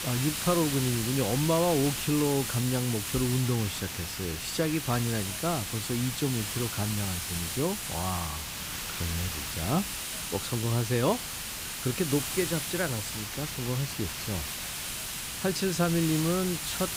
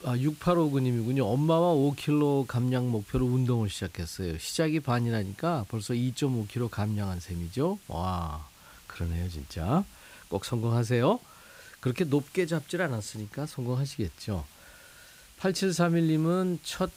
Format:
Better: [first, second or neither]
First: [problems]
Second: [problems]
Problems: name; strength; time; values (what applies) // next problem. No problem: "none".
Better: second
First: hiss; loud; throughout; 2 dB below the speech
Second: hiss; faint; throughout; 25 dB below the speech